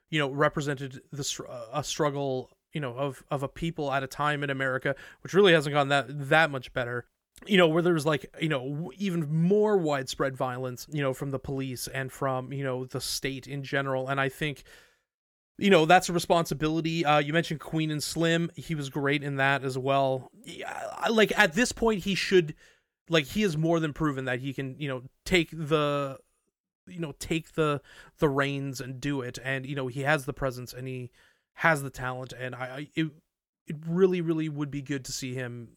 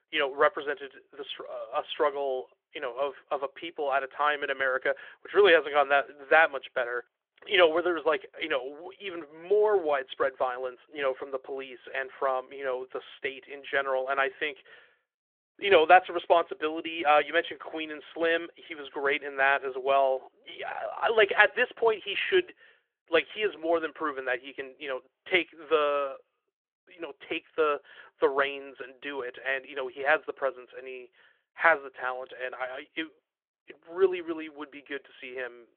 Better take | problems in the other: first | phone-call audio; nothing above 3.5 kHz

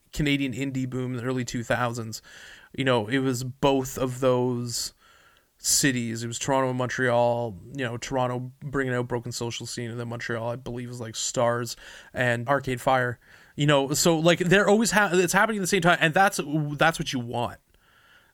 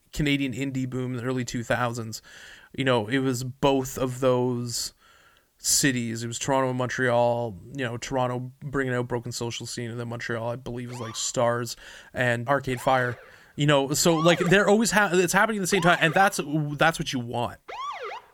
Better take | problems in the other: first | siren; noticeable; from 11 s on; peak 6 dB below the speech

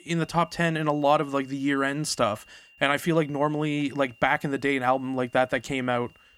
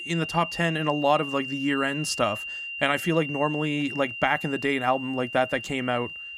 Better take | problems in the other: first | high-pitched whine; loud; throughout; 3 kHz, 7 dB below the speech; faint in the first

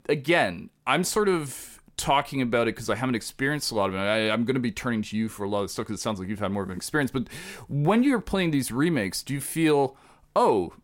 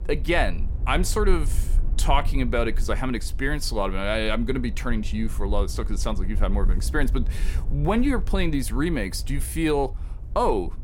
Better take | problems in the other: first | low rumble; faint; throughout; 20 dB below the speech

